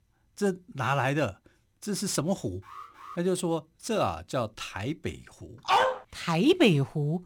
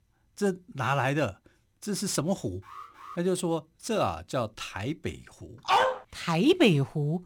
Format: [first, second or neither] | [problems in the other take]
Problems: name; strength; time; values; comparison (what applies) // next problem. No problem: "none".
neither | alarm; faint; at 2.5 s; peak 15 dB below the speech; the same in both // dog barking; loud; at 5.5 s; peak 4 dB above the speech; the same in both